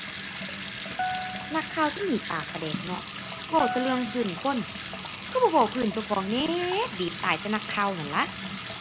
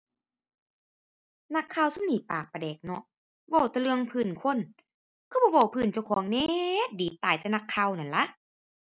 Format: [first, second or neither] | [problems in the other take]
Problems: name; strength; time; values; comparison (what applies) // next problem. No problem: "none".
second | background sound (Piano + Bathtub (filling or washing) / Sink (filling or washing) / Water tap, faucet); 6 dB below the speech